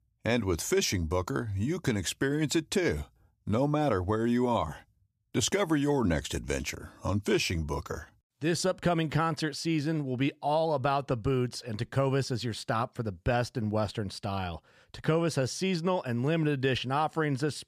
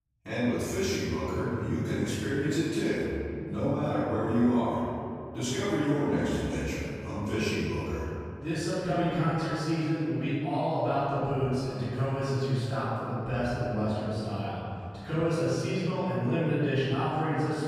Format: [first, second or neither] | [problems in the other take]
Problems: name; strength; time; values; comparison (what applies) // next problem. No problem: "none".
first | off-mic speech; far // room echo; strong; dies away in 2.5 s